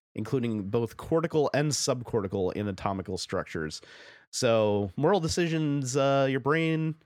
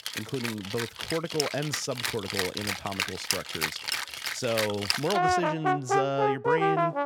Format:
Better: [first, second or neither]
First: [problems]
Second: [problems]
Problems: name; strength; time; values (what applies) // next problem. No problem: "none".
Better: first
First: none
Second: background music; very loud; throughout; 3 dB above the speech